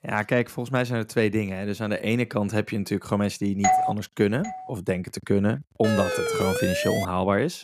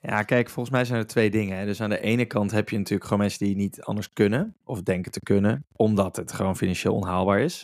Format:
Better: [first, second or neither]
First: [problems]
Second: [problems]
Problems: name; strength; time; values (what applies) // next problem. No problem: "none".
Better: second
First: doorbell; loud; at 3.5 s; peak 4 dB above the speech // doorbell; faint; at 4.5 s; peak 10 dB below the speech // siren; noticeable; from 6 to 7 s; peak level with the speech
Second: none